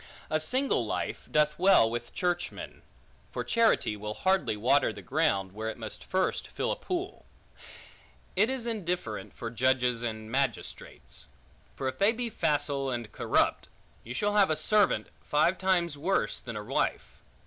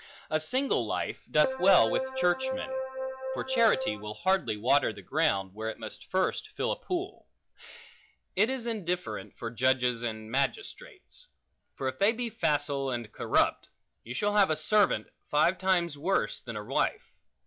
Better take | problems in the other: first | noise reduction (classical method log-MMSE)

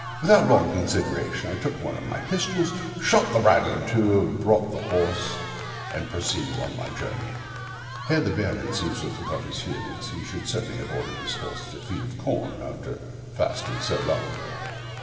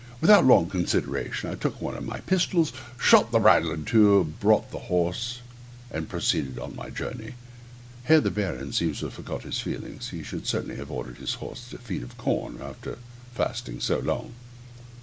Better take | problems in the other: second | background sound (Cheering); 13 dB below the speech // room echo; dies away in 2.5 s

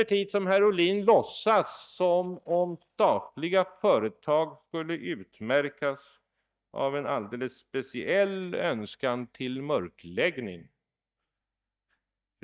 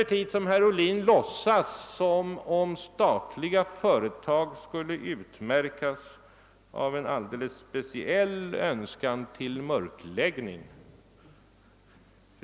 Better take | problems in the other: second | noise reduction (neural mask model DeepFilterNet 3)

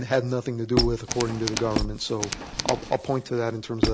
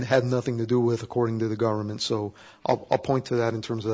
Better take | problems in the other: second | background sound (Tools + Squeak); 3 dB below the speech

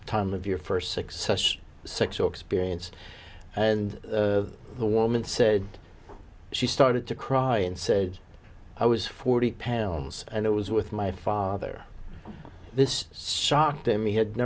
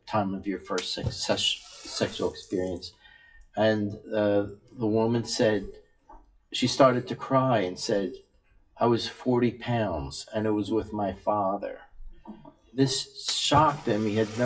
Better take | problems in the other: first | noise reduction (classical method WPE with log-MMSE)

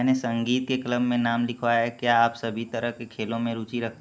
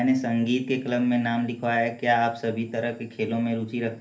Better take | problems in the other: first | room echo; dies away in 0.3 s

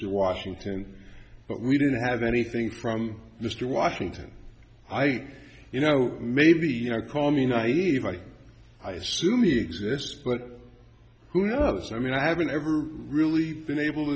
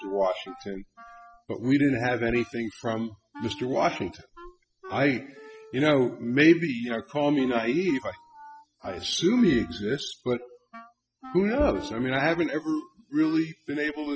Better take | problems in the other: first | noise reduction (classical method spectral subtraction)

